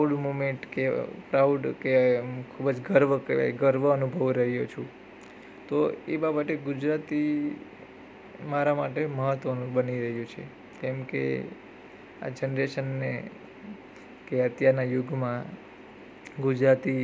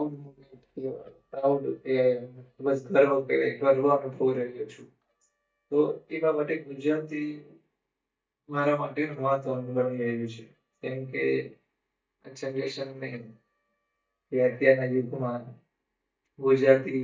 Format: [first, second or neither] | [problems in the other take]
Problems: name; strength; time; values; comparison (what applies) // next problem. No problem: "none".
first | noise reduction (neural mask model DeepFilterNet 3)